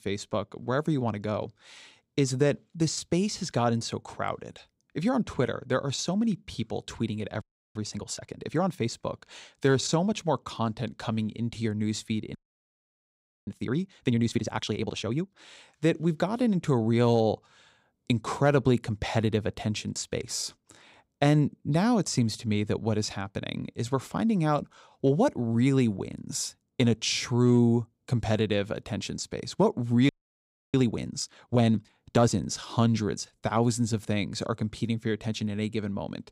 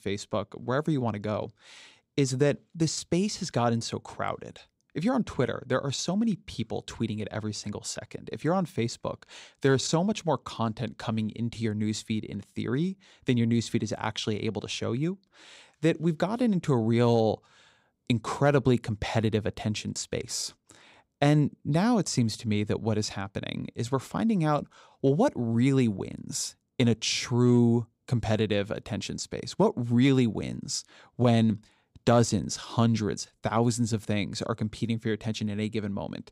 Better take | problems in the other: second | audio freezing; at 7.5 s, at 12 s for 1 s and at 30 s for 0.5 s

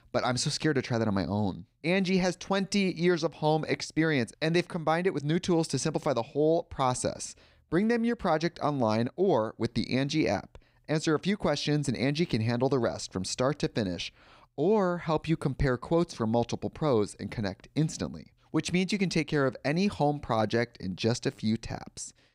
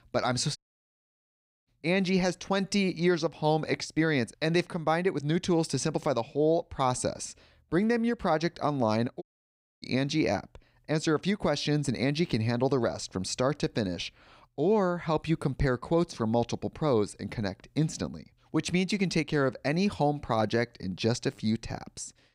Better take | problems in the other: first | audio cutting out; at 0.5 s for 1 s and at 9 s for 0.5 s

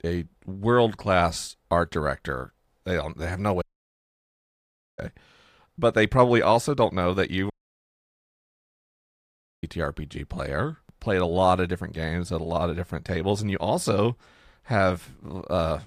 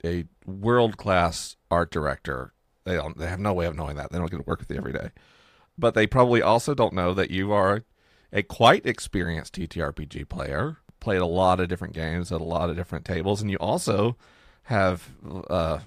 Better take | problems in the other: second | audio cutting out; at 3.5 s for 1.5 s and at 7.5 s for 2 s

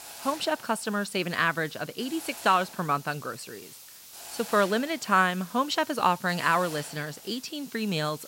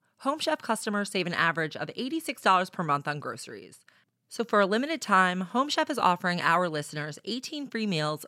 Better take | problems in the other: second | hiss; noticeable; throughout; 15 dB below the speech

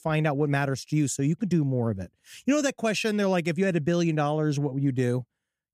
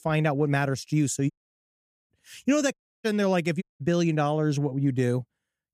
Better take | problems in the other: first | audio cutting out; at 1.5 s for 1 s, at 2.5 s and at 3.5 s

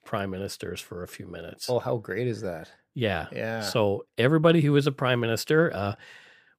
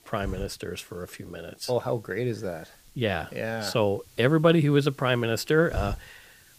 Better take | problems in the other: first | hiss; noticeable; throughout; 20 dB below the speech

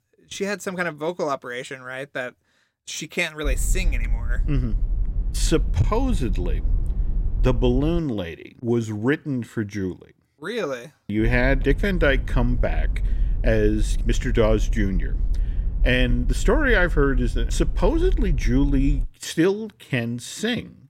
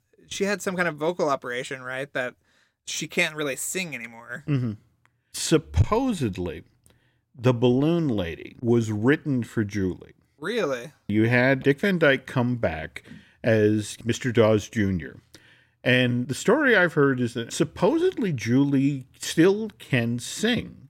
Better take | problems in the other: second | low rumble; faint; from 3.5 to 8 s and from 11 to 19 s; 20 dB below the speech

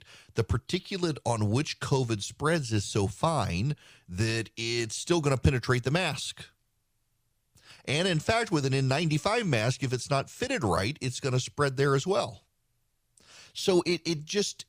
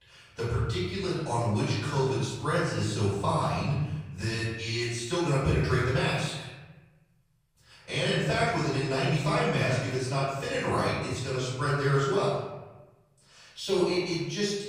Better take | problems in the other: first | off-mic speech; far // room echo; strong; dies away in 1 s

